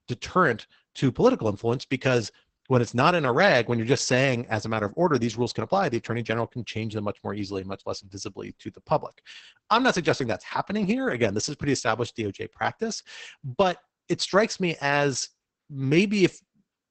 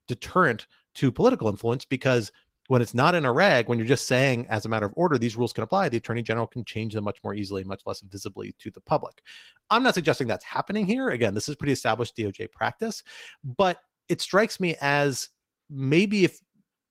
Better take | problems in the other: second | garbled, watery; badly; nothing above 8 kHz; slightly in the second

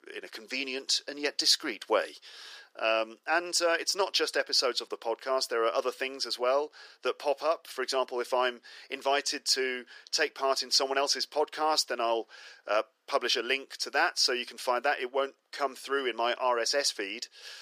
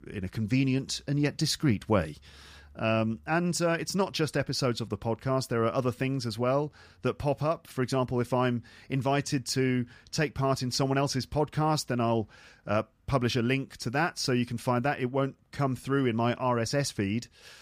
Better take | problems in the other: second | thin; very; fading below 400 Hz

